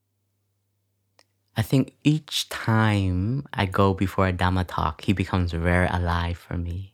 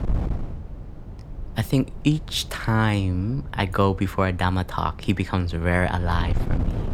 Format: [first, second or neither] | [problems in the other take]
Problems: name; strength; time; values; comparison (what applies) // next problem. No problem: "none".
first | wind noise on the microphone; occasional gusts; 20 dB below the speech